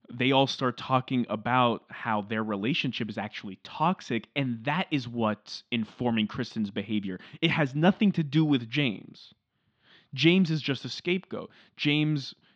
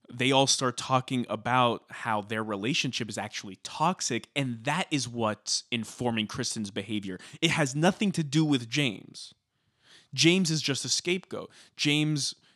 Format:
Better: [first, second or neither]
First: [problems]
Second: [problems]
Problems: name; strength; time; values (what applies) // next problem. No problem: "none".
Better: second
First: muffled; slightly; fading above 3.5 kHz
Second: none